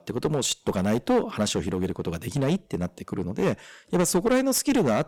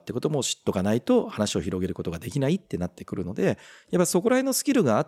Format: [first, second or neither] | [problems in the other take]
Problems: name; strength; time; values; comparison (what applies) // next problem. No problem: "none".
second | distortion; slight; 7% of the sound clipped